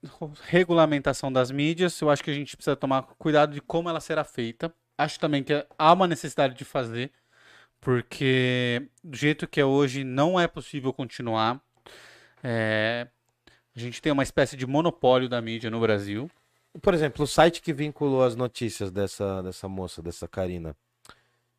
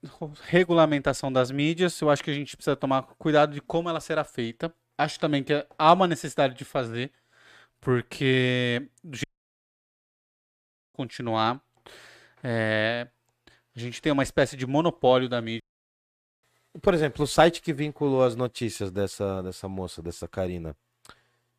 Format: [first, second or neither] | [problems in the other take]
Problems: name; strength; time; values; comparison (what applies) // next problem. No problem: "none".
first | audio cutting out; at 9 s for 1.5 s and at 16 s for 1 s